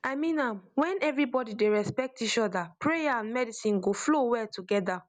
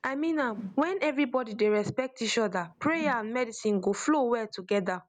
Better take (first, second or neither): first